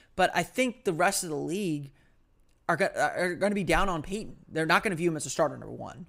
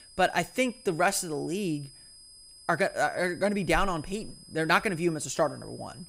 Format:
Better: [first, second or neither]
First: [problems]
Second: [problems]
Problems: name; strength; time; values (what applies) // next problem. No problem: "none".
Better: first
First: none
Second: high-pitched whine; faint; throughout; 5 kHz, 20 dB below the speech